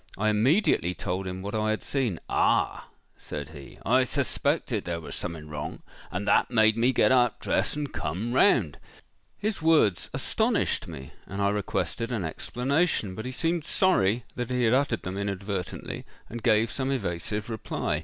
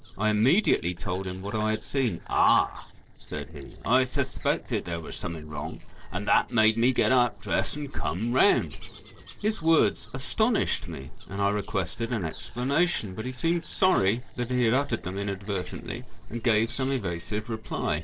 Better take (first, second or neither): first